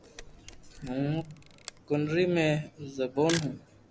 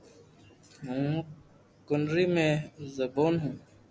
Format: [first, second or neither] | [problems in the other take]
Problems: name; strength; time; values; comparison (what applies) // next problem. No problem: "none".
second | background sound (Camera); 14 dB below the speech